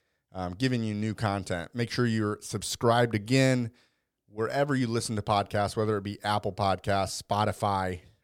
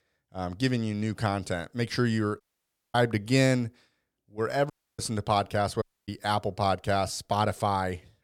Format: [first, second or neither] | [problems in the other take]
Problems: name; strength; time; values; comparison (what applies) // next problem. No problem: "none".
first | audio cutting out; at 2.5 s for 0.5 s, at 4.5 s and at 6 s